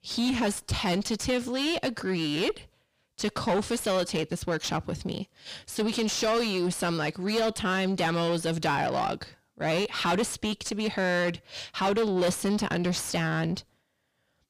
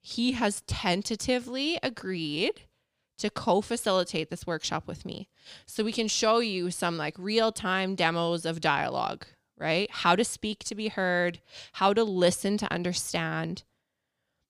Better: second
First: distortion; heavy; 6 dB below the speech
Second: none

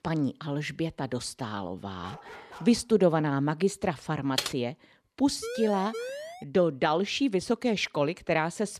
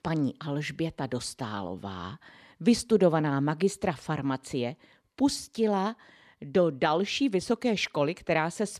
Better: second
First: dog barking; faint; at 2 s; peak 15 dB below the speech // keyboard typing; noticeable; at 4.5 s; peak 2 dB below the speech // siren; noticeable; from 5.5 to 6.5 s; peak 8 dB below the speech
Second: none

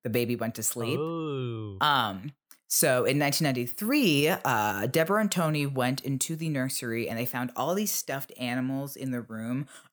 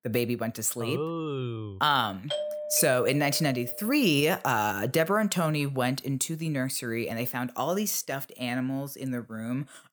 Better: first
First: none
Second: doorbell; noticeable; from 2.5 to 4 s; peak 5 dB below the speech

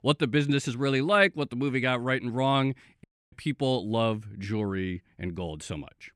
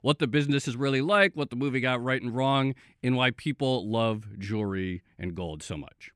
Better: second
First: audio cutting out; at 3 s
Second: none

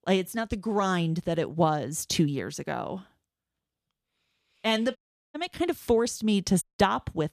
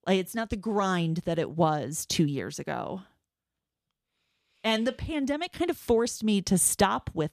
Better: second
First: audio cutting out; at 5 s and at 6.5 s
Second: none

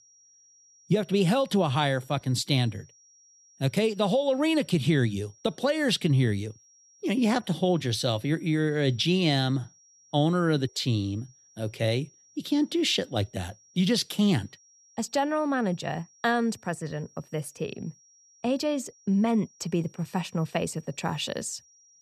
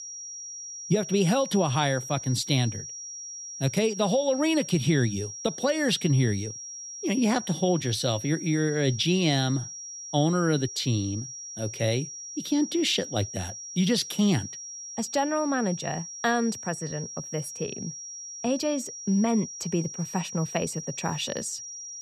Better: first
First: high-pitched whine; faint; throughout; 5.5 kHz, 30 dB below the speech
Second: high-pitched whine; loud; throughout; 5.5 kHz, 10 dB below the speech

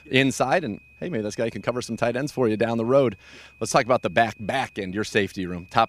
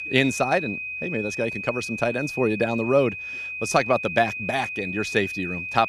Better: first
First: high-pitched whine; faint; throughout; 2.5 kHz, 25 dB below the speech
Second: high-pitched whine; loud; throughout; 2.5 kHz, 5 dB below the speech

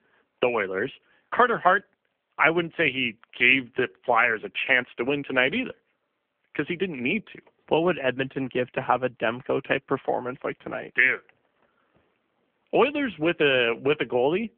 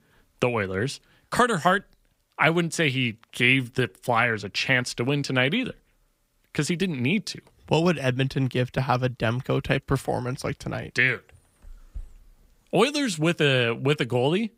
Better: second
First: phone-call audio; nothing above 3 kHz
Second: none

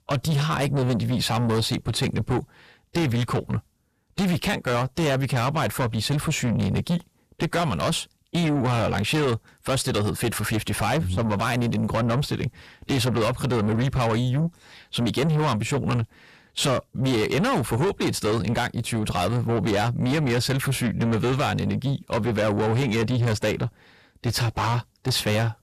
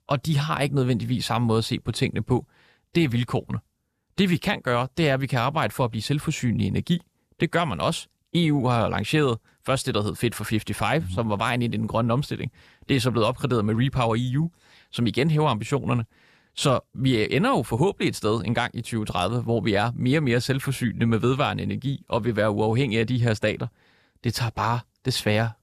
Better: second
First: distortion; heavy; 7 dB below the speech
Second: none

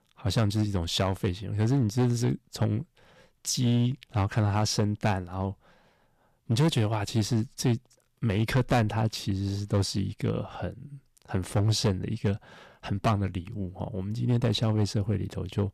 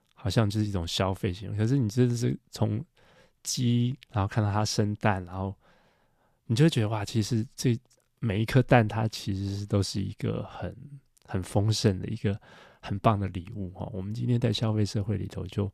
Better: second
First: distortion; slight; 5% of the sound clipped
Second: none

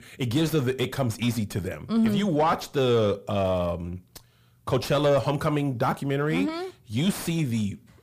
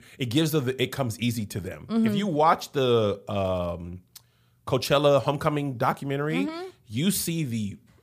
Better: second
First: distortion; slight; 10 dB below the speech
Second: none

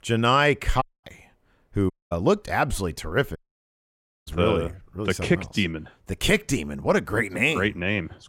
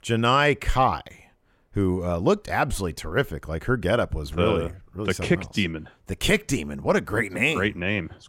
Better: second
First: audio cutting out; at 1 s, at 2 s and at 3.5 s for 1 s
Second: none

